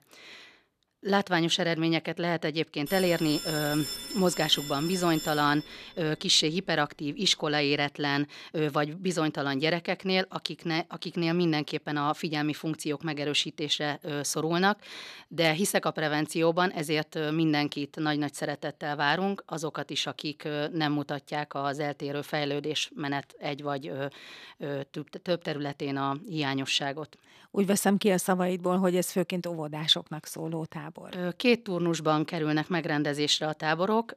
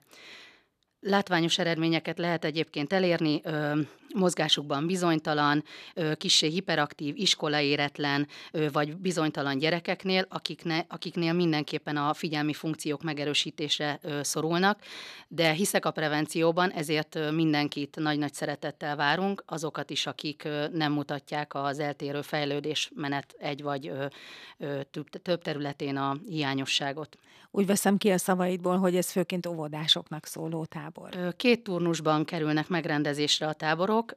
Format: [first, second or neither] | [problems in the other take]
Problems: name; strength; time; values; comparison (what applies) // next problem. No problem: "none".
second | phone ringing; noticeable; from 3 to 6 s; peak 5 dB below the speech